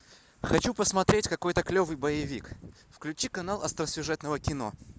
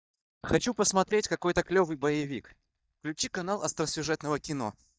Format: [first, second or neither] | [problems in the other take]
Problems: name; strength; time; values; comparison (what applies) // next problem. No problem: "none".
first | noise reduction (neural mask model DeepFilterNet 3)